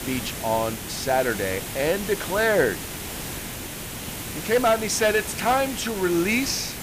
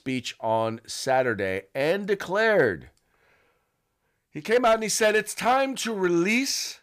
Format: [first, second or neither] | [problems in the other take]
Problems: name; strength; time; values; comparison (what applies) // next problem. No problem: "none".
second | hiss; loud; throughout; 8 dB below the speech